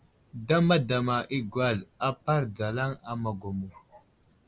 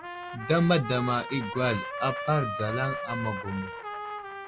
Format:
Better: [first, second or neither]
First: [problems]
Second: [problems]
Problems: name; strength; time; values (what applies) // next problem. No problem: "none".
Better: first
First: none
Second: background sound (Trumpet); 7 dB below the speech